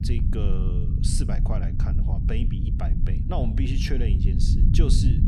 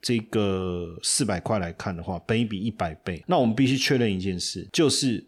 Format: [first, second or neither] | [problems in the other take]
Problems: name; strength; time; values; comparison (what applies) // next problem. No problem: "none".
second | low rumble; loud; throughout; 3 dB below the speech